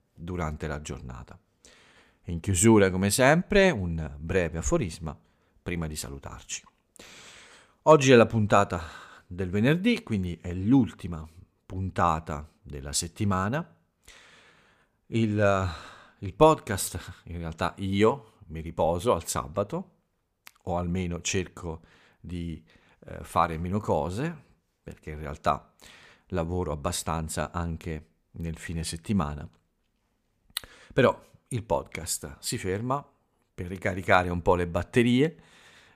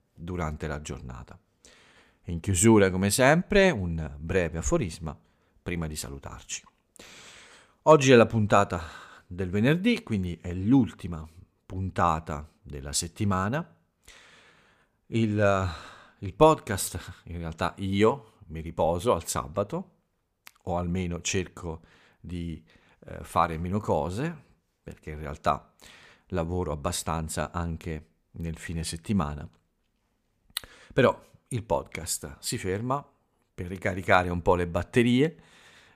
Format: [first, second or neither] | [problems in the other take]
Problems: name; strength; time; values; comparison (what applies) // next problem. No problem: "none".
neither | none